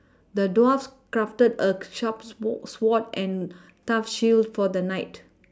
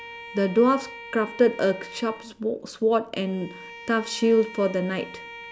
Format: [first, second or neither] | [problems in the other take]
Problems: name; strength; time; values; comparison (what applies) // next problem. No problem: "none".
first | background sound (Bowed string instrument); 17 dB below the speech